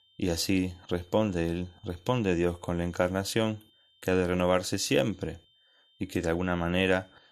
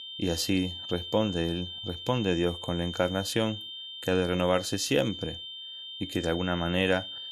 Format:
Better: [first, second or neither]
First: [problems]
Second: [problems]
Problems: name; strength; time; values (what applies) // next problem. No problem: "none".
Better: first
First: high-pitched whine; faint; throughout; 3 kHz, 30 dB below the speech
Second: high-pitched whine; loud; throughout; 3 kHz, 8 dB below the speech